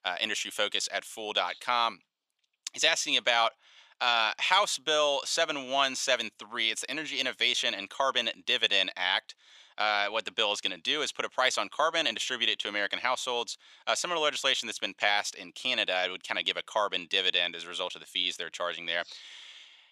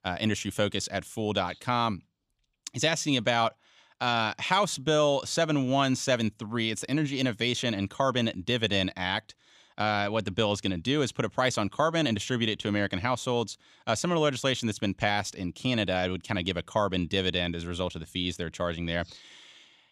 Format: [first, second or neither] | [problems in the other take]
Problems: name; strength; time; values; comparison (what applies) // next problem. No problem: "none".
second | thin; very; fading below 650 Hz